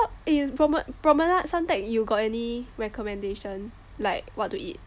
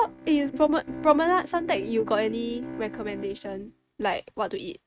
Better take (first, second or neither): first